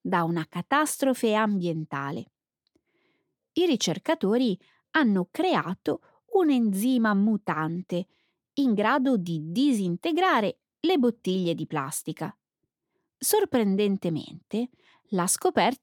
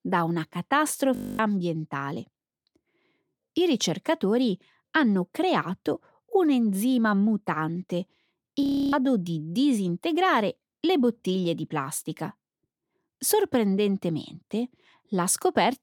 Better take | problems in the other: first | audio freezing; at 1 s and at 8.5 s

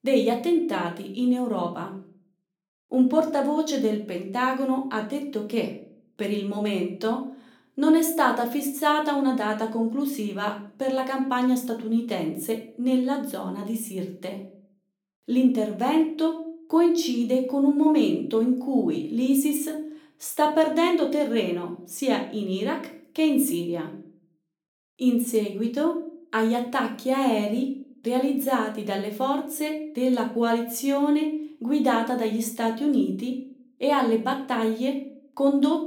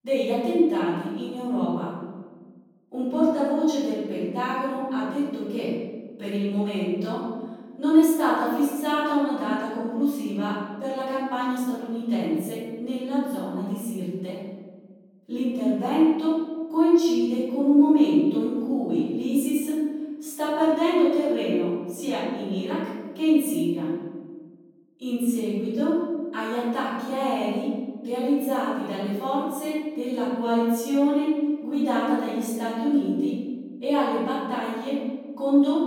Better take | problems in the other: first | room echo; strong; dies away in 1.3 s; slight in the first // off-mic speech; far; somewhat distant in the first

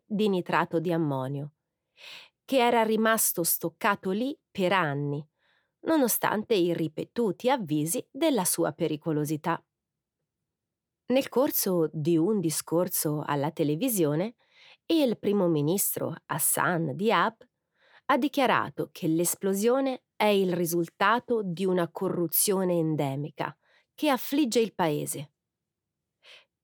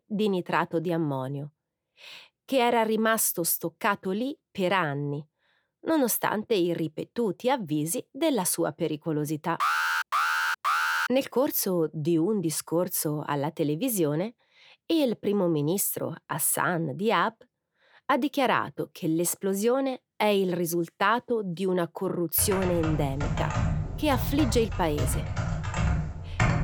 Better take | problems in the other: first | alarm; loud; from 9.5 to 11 s; peak 3 dB above the speech // keyboard typing; loud; from 22 s on; peak 1 dB above the speech

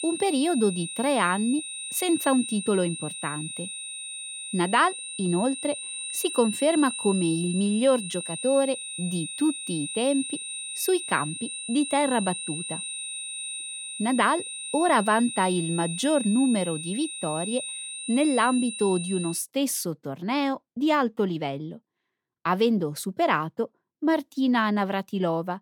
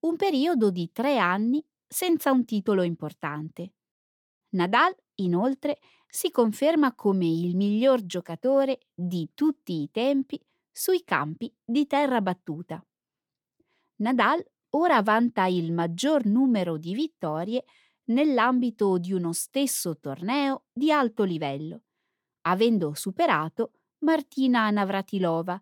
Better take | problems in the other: second | high-pitched whine; loud; until 19 s; 9 kHz, 7 dB below the speech

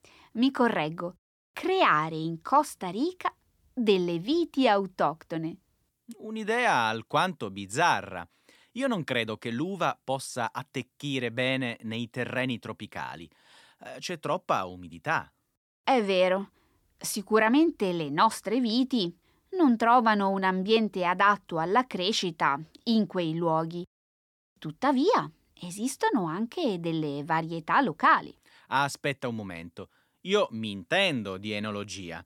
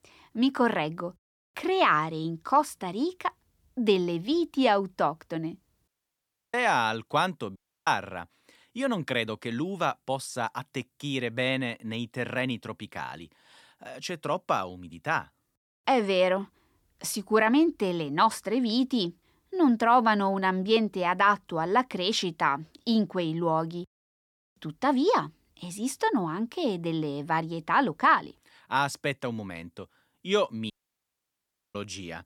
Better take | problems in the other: first | audio cutting out; at 6 s for 0.5 s, at 7.5 s and at 31 s for 1 s

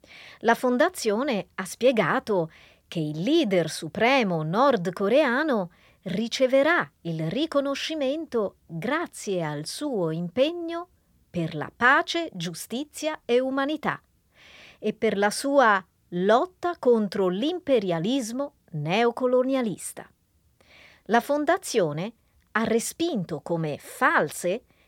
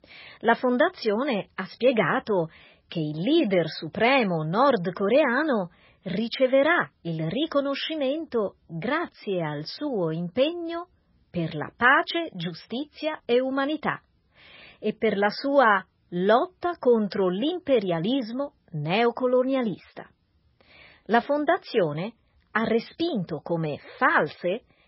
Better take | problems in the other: first | garbled, watery; badly; nothing above 5.5 kHz

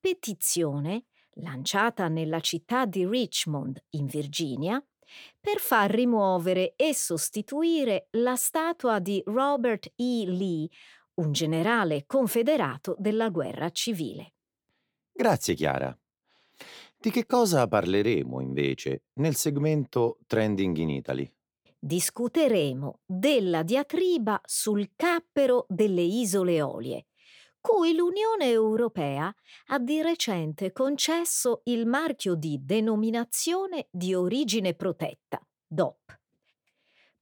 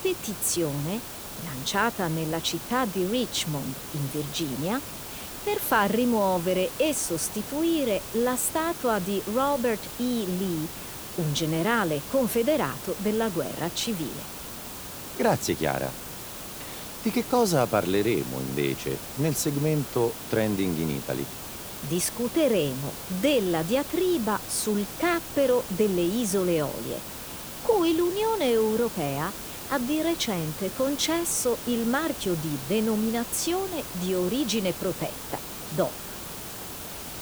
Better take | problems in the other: first | hiss; loud; throughout; 9 dB below the speech

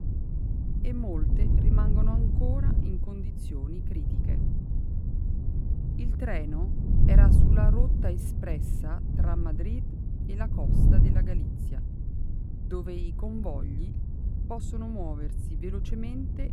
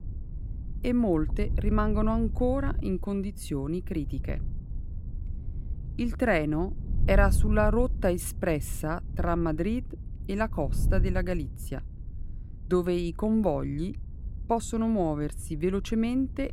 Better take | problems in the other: second | wind noise on the microphone; heavy; 1 dB below the speech; occasional gusts in the second

